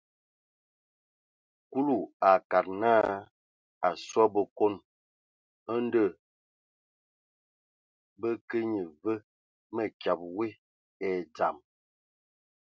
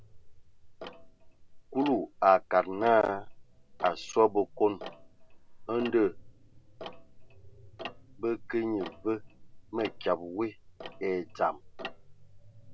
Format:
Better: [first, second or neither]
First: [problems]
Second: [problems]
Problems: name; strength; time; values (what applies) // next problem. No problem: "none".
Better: first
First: none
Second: background sound (Tick-tock); 14 dB below the speech